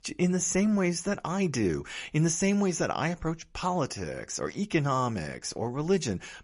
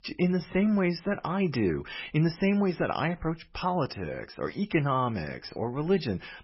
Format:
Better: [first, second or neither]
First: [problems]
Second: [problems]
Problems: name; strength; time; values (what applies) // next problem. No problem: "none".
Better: first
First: garbled, watery; slightly; nothing above 10.5 kHz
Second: garbled, watery; badly; nothing above 5.5 kHz